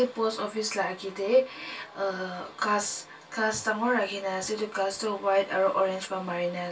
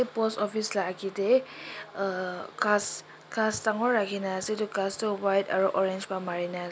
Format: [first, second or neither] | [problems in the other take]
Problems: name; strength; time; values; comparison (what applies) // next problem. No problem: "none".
second | room echo; dies away in 0.1 s